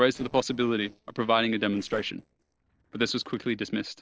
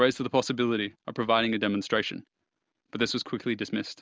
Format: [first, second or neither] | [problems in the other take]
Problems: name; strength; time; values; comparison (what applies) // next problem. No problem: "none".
second | noise reduction (neural separator model SepFormer DNS4)